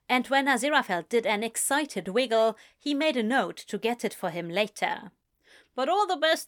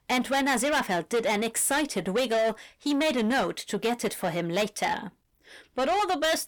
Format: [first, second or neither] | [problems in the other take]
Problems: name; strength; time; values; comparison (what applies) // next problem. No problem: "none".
first | distortion; heavy; 8 dB below the speech